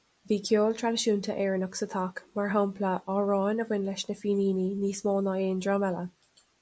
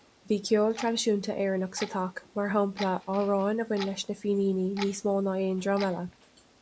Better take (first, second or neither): first